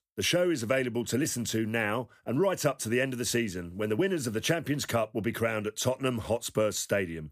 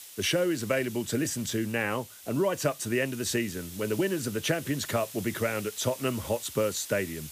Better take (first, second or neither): first